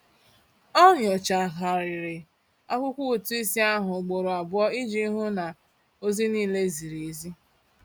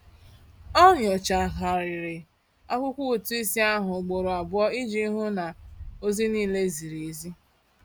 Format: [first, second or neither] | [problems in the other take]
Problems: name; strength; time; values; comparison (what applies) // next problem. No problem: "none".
first | background sound (Thunder); 19 dB below the speech